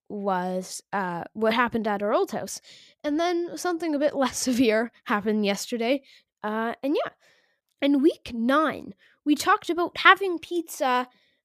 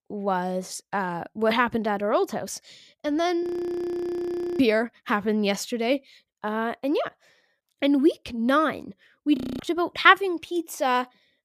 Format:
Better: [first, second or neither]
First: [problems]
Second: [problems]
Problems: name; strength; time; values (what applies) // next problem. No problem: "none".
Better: first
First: none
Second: audio freezing; at 3.5 s for 1 s and at 9.5 s